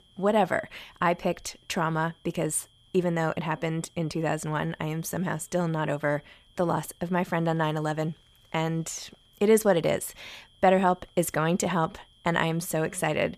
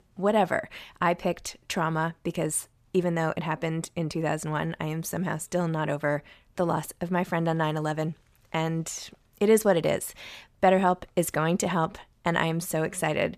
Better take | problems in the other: second | high-pitched whine; faint; throughout; 3 kHz, 30 dB below the speech

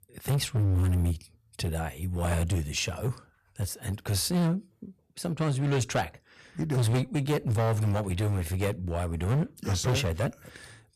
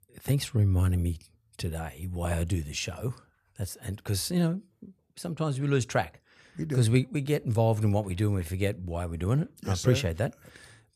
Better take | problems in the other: second | distortion; heavy; 13% of the sound clipped

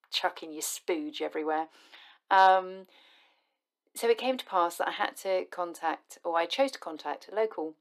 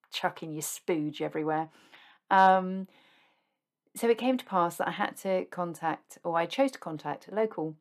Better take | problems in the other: second | thin; somewhat; fading below 300 Hz

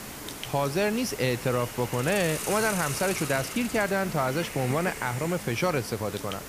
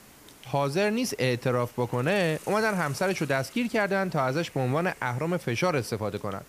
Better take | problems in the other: second | hiss; loud; throughout; 7 dB below the speech; faint in the second

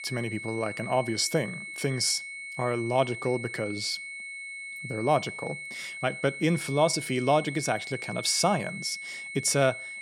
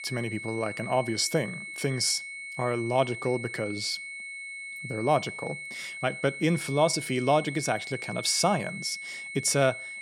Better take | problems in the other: neither | high-pitched whine; loud; throughout; 2 kHz, 9 dB below the speech; the same in both

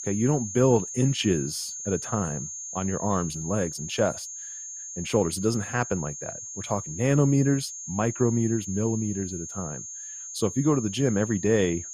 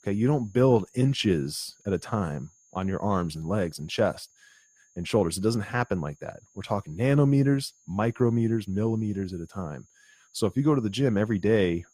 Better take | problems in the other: second | high-pitched whine; loud; throughout; 6.5 kHz, 8 dB below the speech; faint in the second

